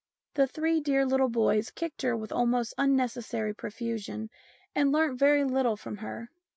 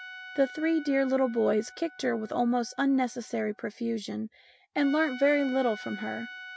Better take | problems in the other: first | background sound (Trumpet); 17 dB below the speech

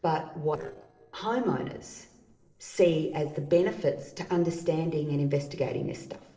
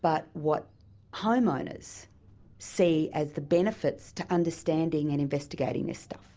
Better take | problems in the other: second | noise reduction (neural separator model SepFormer DNS4)

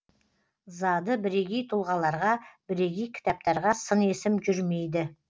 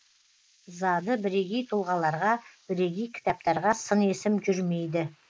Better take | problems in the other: first | noise reduction (neural mask model Resemble Enhance denoiser)

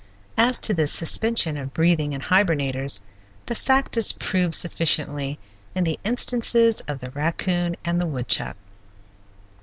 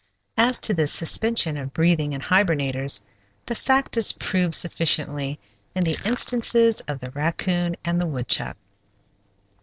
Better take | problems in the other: first | noise reduction (neural separator model SepFormer DNS4)

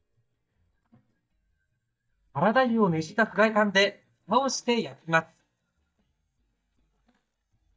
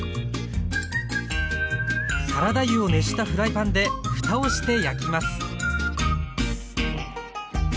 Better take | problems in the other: second | noise reduction (neural mask model DeepFilterNet 3)

